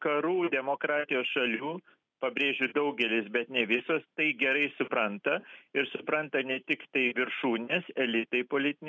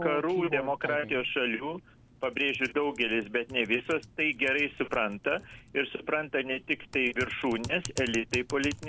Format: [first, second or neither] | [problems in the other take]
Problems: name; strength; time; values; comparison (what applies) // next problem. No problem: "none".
first | background sound (Typing); 13 dB below the speech